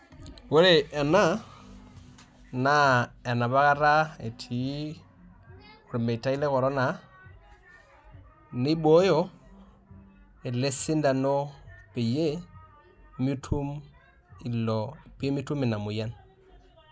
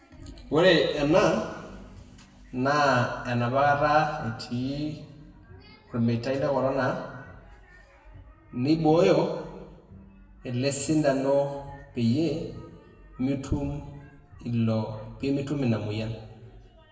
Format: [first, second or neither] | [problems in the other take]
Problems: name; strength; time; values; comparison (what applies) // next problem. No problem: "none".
first | room echo; dies away in 1.1 s